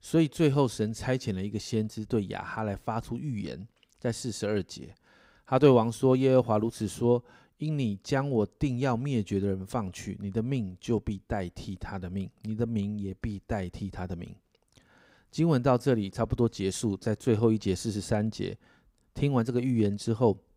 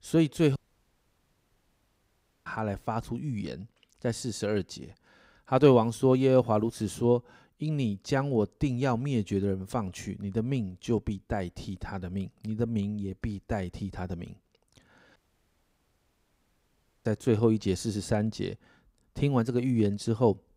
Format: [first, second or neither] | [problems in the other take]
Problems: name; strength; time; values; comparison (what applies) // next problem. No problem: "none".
first | audio cutting out; at 0.5 s for 2 s and at 15 s for 2 s